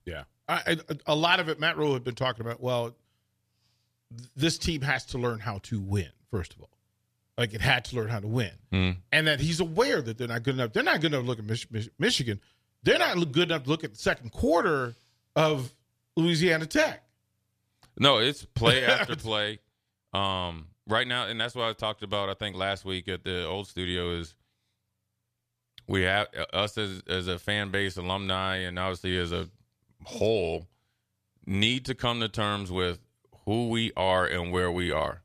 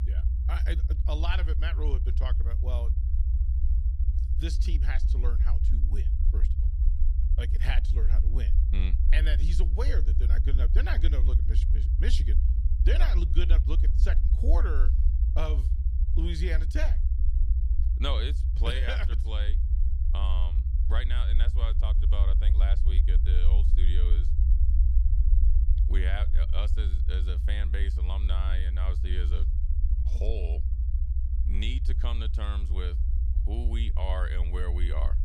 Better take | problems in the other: first | low rumble; loud; throughout; 8 dB below the speech

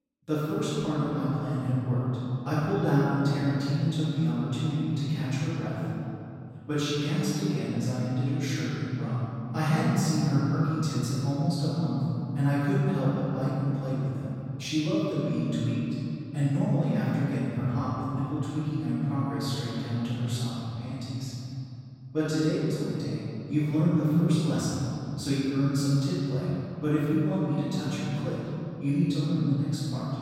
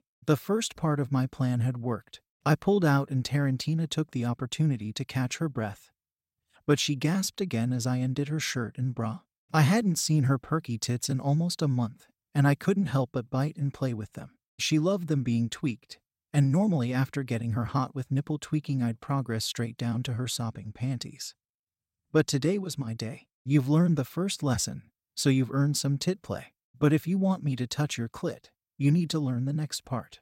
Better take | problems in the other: second | room echo; strong; dies away in 2.9 s // off-mic speech; far

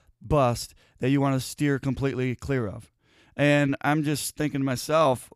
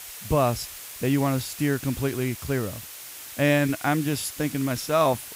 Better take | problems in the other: first | hiss; noticeable; throughout; 10 dB below the speech

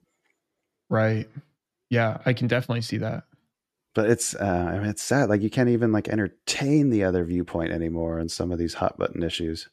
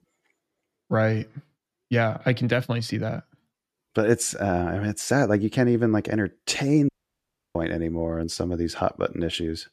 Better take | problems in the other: first | audio cutting out; at 7 s for 0.5 s

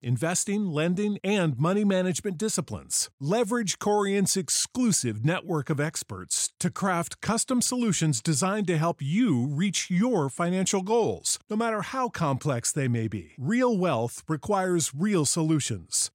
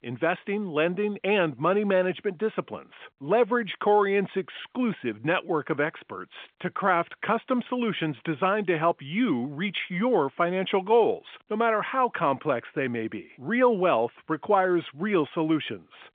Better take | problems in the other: first | phone-call audio; nothing above 3.5 kHz

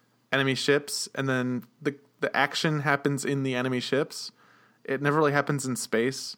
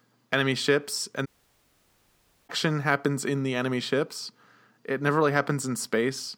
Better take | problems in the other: first | audio cutting out; at 1.5 s for 1 s

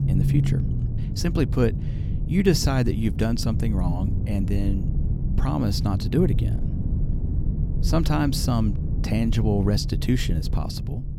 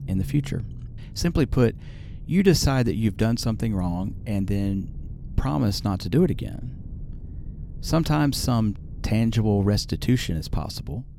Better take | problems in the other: second | low rumble; loud; throughout; 10 dB below the speech; faint in the second

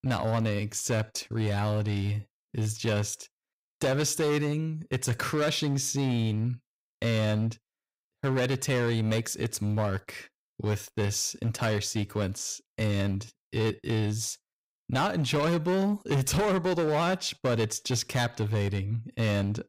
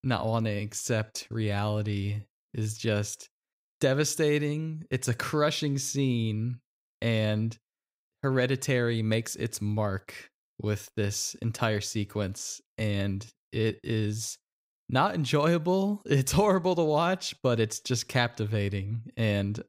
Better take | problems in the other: second | distortion; slight; 12% of the sound clipped

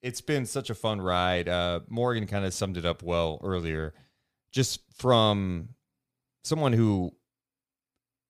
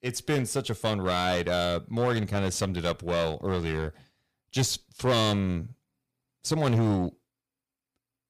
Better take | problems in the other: first | distortion; heavy; 7% of the sound clipped

